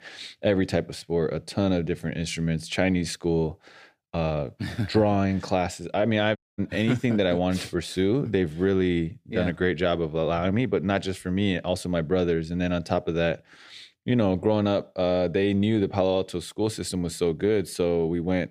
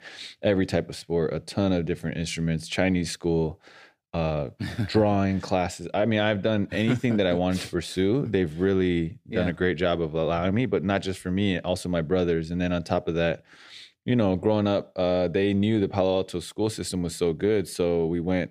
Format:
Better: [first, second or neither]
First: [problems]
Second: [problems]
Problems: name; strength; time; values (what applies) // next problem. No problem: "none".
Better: second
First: audio cutting out; at 6.5 s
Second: none